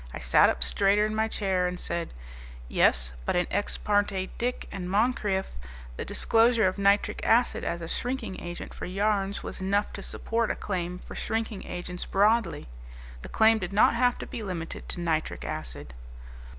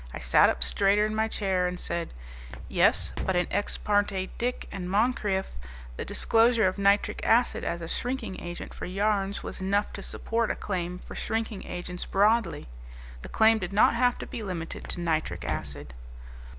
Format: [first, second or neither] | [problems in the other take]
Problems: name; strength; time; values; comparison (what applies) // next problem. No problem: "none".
first | background sound (Walk, footsteps); 10 dB below the speech